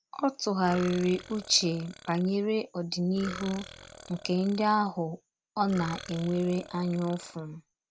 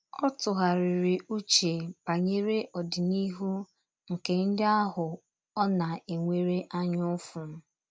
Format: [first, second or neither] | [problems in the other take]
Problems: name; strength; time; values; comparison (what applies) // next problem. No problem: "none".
second | background sound (Burping, eructation); 16 dB below the speech